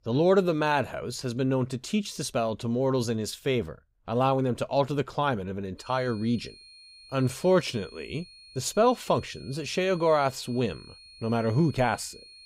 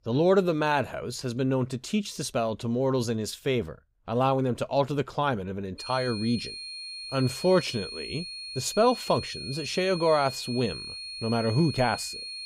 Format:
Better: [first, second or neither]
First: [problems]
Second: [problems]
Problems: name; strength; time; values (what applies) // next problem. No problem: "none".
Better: first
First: high-pitched whine; faint; from 6 s on; 4.5 kHz, 20 dB below the speech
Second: high-pitched whine; loud; from 6 s on; 4.5 kHz, 9 dB below the speech